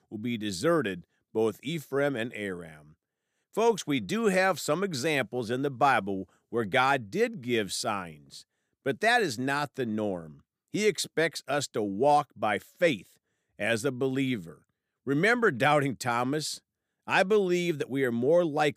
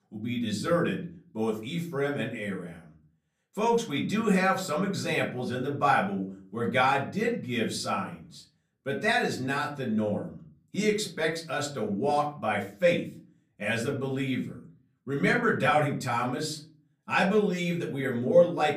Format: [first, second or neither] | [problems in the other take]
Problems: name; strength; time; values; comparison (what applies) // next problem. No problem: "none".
first | off-mic speech; far // room echo; very slight; dies away in 0.4 s